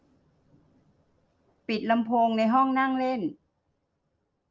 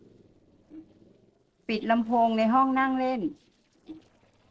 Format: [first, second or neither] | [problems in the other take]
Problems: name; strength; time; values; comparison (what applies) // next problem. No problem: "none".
first | noise reduction (neural separator model SepFormer DNS4)